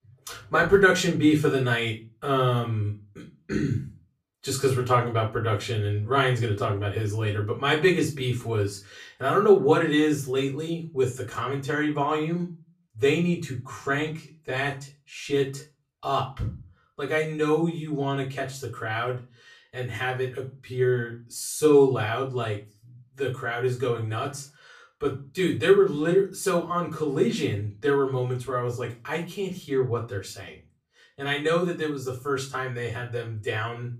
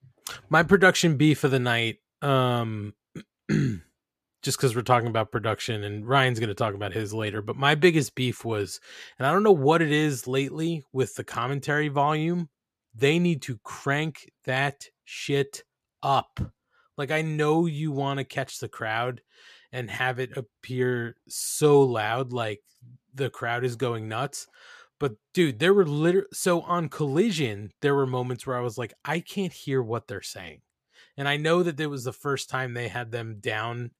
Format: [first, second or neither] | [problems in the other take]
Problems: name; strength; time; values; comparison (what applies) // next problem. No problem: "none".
second | off-mic speech; far // room echo; very slight; dies away in 0.3 s